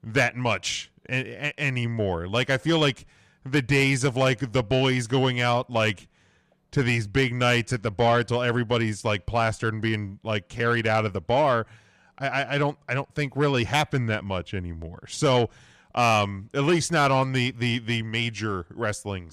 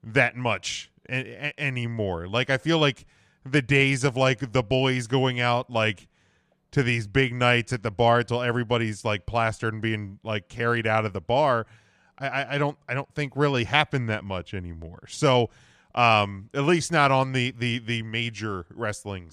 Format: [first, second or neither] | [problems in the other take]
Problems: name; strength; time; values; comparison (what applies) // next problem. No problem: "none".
second | distortion; slight; 10 dB below the speech